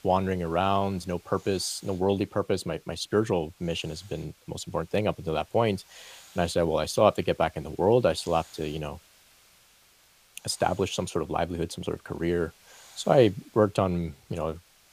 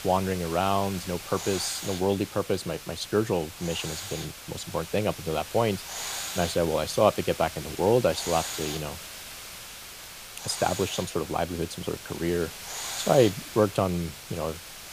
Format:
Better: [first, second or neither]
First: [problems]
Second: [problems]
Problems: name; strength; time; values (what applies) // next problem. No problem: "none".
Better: first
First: hiss; faint; throughout; 25 dB below the speech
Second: hiss; loud; throughout; 9 dB below the speech